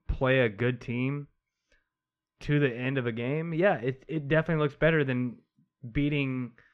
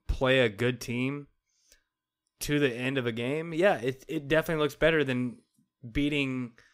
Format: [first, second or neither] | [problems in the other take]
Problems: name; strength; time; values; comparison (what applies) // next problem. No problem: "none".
second | muffled; very; fading above 2 kHz